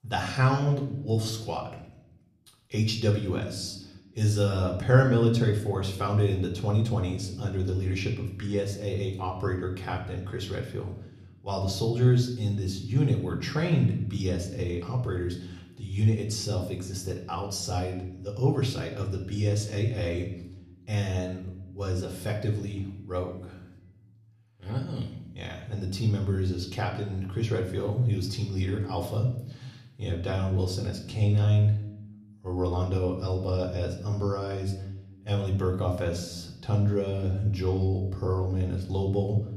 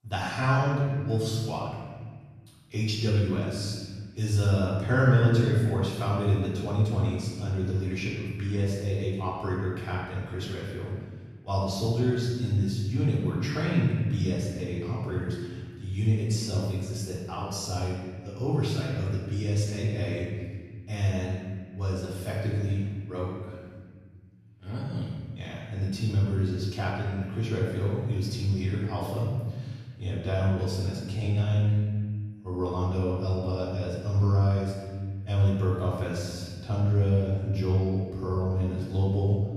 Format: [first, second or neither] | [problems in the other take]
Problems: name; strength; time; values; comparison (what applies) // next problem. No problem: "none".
first | room echo; strong; dies away in 1.6 s; slight in the first // off-mic speech; far; somewhat distant in the first